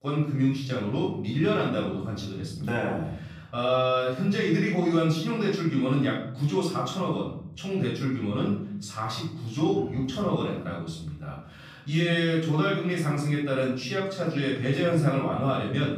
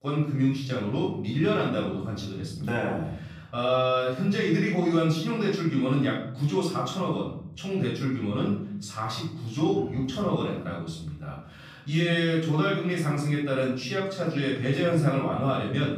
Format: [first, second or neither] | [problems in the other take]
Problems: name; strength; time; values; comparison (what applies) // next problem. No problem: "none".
neither | off-mic speech; far; the same in both // room echo; noticeable; dies away in 1 s; the same in both